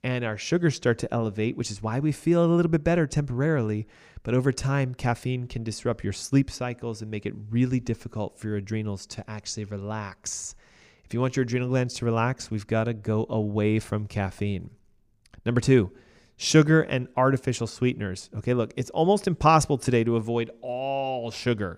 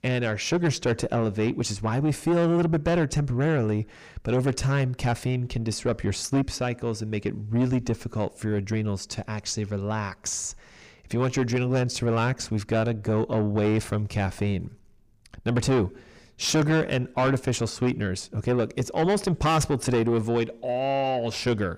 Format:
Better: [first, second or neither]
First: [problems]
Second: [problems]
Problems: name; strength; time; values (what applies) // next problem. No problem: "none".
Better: first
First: none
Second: distortion; heavy; 7 dB below the speech